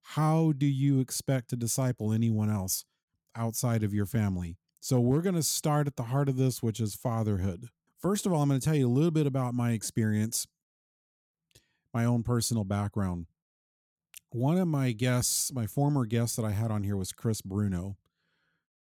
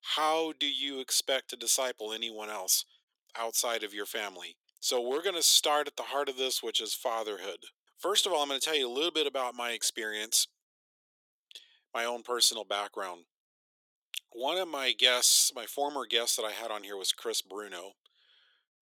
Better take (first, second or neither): first